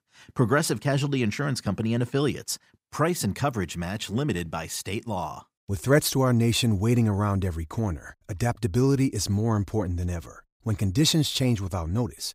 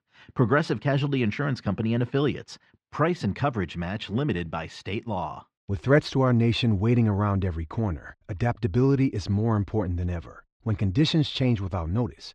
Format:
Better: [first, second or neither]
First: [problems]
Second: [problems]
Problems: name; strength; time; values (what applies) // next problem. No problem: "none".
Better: first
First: none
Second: muffled; slightly; fading above 3.5 kHz